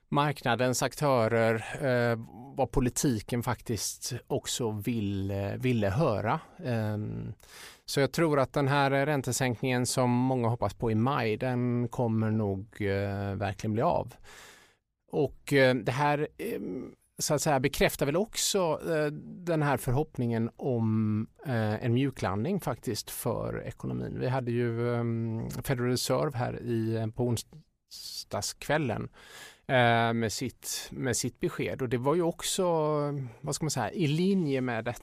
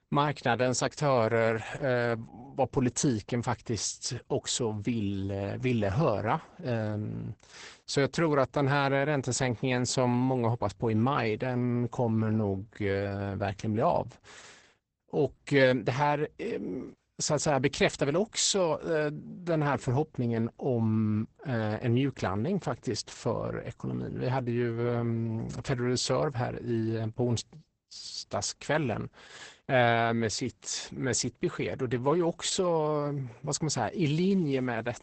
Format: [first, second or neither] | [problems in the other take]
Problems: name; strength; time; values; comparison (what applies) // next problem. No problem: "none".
first | garbled, watery; badly; nothing above 8 kHz